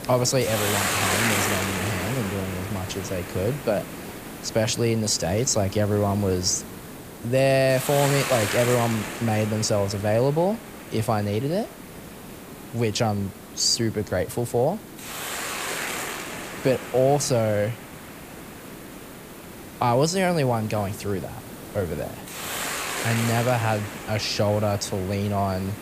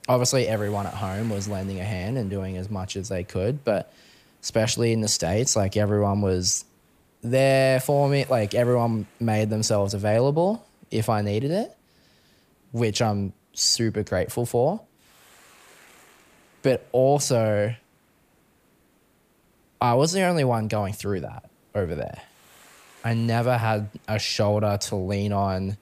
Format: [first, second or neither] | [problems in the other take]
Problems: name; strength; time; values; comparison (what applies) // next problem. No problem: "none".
second | hiss; loud; throughout; 7 dB below the speech; faint in the second